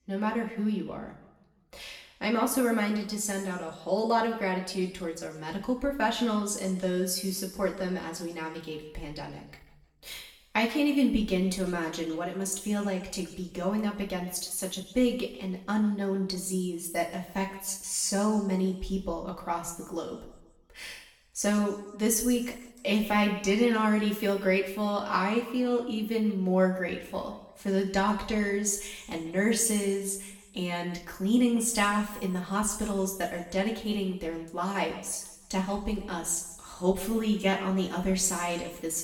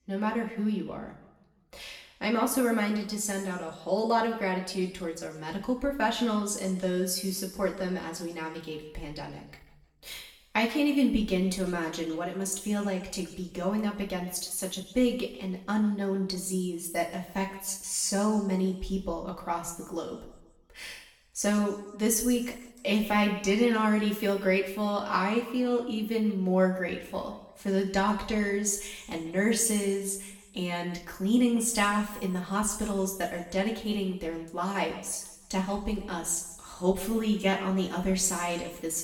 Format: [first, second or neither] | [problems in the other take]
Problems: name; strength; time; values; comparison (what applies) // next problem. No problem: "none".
neither | room echo; slight; dies away in 0.9 s; the same in both // off-mic speech; far; the same in both